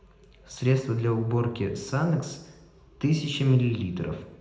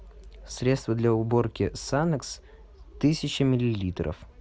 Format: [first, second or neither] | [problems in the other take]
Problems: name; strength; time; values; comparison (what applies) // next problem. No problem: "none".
second | room echo; dies away in 0.8 s